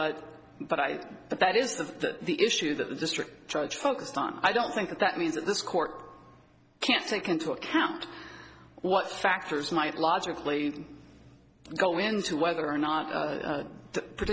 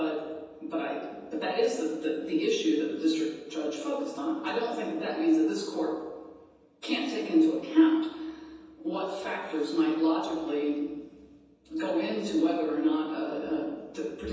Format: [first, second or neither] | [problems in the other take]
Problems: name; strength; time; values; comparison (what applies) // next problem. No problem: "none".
first | room echo; dies away in 1.1 s